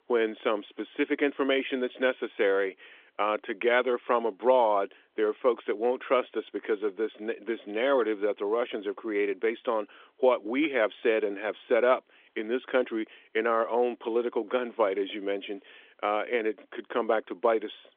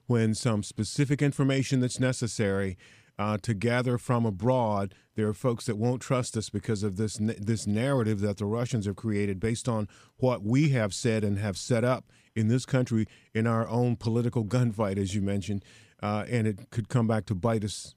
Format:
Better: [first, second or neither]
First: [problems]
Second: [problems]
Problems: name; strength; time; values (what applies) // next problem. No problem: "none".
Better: second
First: phone-call audio; nothing above 3.5 kHz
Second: none